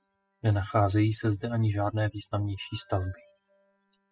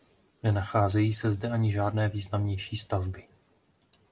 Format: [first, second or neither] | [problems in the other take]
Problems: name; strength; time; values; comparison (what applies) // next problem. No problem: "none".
second | noise reduction (classical method spectral subtraction)